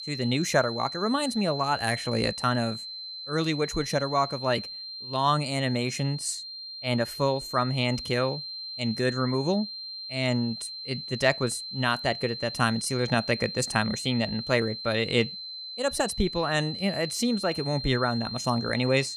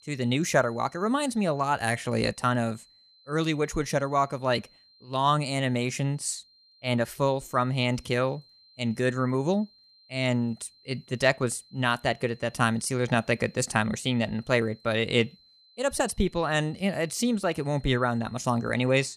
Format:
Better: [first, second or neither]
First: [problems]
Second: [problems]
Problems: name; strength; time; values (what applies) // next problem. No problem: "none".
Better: second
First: high-pitched whine; loud; throughout; 4 kHz, 7 dB below the speech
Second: high-pitched whine; faint; throughout; 4 kHz, 30 dB below the speech